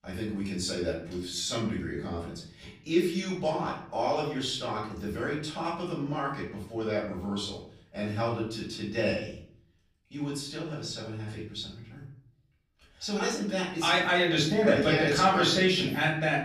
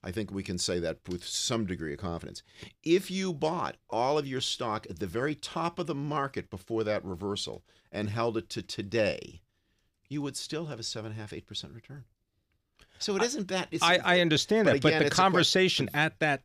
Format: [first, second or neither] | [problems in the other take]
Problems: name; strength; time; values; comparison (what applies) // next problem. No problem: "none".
second | room echo; noticeable; dies away in 0.5 s // off-mic speech; far